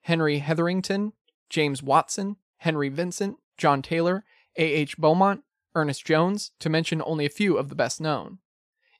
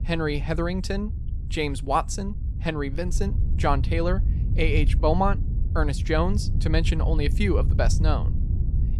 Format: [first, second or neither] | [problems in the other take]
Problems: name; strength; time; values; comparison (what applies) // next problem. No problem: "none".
first | wind noise on the microphone; occasional gusts; 15 dB below the speech